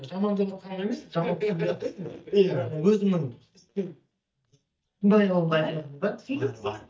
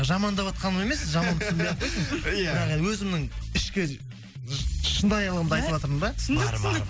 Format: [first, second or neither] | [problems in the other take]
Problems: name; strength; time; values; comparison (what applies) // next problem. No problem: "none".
second | noise reduction (neural mask model DeepFilterNet 3)